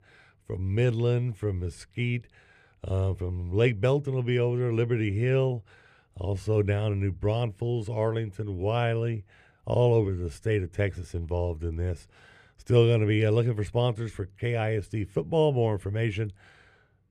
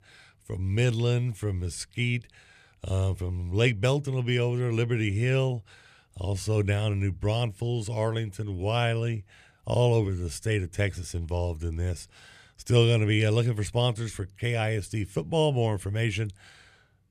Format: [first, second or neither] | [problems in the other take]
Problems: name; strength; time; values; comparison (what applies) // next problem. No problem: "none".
second | muffled; slightly; fading above 3 kHz